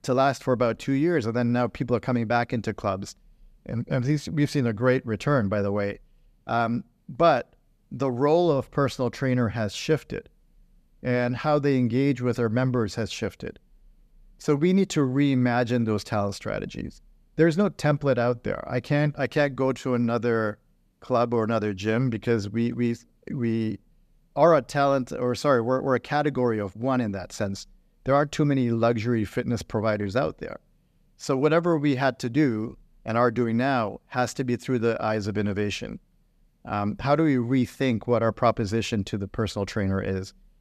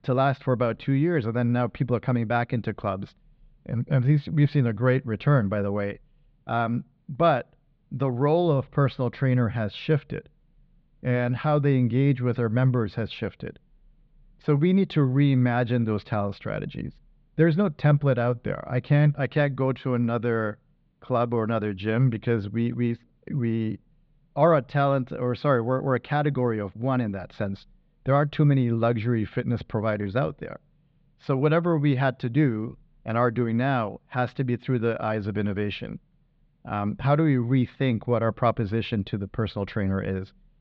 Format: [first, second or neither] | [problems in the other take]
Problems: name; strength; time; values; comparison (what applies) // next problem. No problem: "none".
first | muffled; slightly; fading above 4 kHz